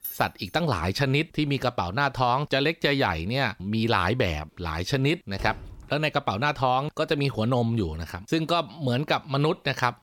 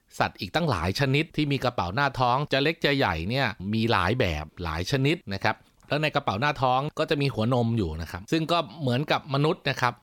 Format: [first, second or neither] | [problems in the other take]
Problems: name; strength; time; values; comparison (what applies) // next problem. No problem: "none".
second | jangling keys; faint; at the start; peak 10 dB below the speech // door banging; faint; at 5.5 s; peak 15 dB below the speech